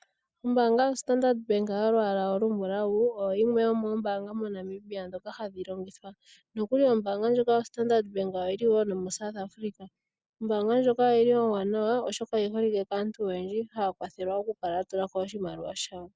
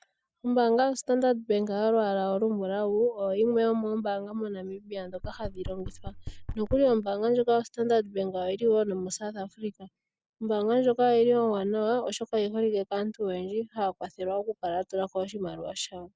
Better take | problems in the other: first | background sound (Knock); 12 dB below the speech

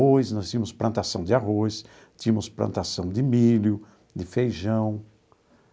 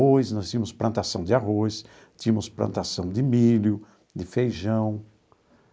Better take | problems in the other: first | noise reduction (neural mask model Resemble Enhance denoiser)

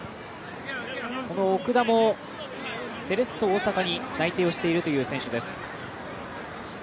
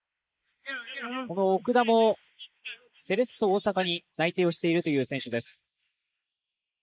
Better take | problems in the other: first | noise reduction (neural mask model Resemble Enhance denoiser)

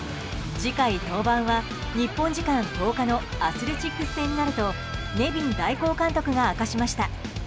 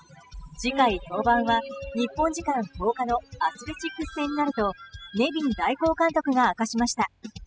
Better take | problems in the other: first | noise reduction (classical method spectral subtraction)

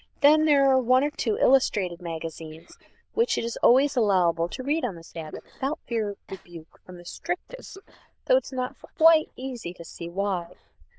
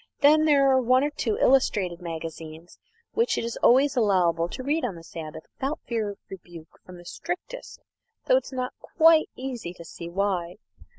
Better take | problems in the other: second | noise reduction (neural diffusion model UNIVERSE++)

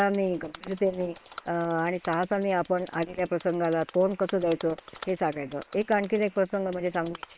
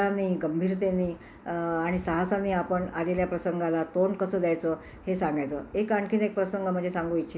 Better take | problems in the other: second | noise reduction (neural separator model SepFormer WHAM!)

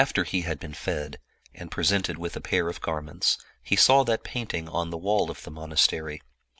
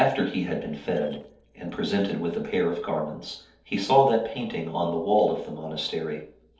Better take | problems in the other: first | noise reduction (neural separator model SepFormer DNS4)

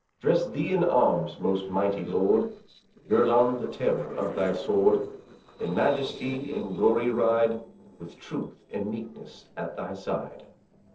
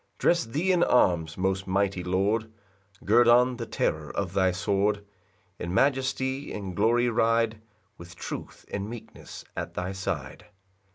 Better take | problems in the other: second | noise reduction (neural separator model SepFormer DNS4)

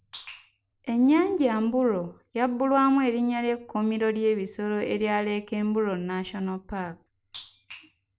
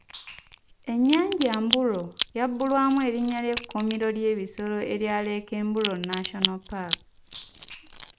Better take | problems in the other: first | background sound (Crack); 8 dB below the speech

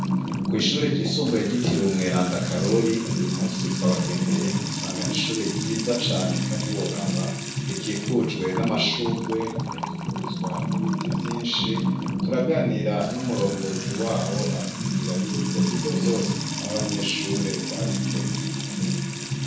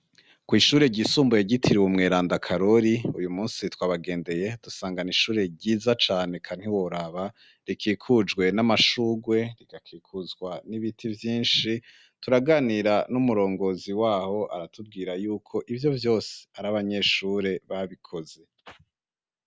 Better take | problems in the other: second | background sound (Trickle, dribble / Water tap, faucet / Music); 1 dB above the speech // room echo; dies away in 0.6 s

